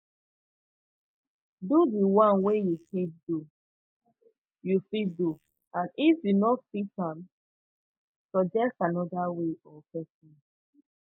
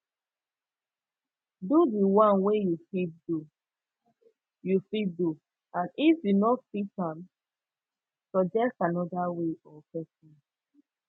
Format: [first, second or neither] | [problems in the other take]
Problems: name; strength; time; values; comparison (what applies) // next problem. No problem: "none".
second | noise reduction (neural mask model Resemble Enhance denoiser)